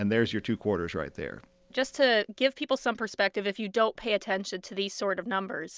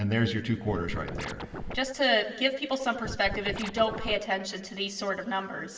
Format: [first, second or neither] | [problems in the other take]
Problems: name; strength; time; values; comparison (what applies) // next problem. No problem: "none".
first | background sound (Scratching (performance technique)); 7 dB below the speech // room echo; dies away in 2.4 s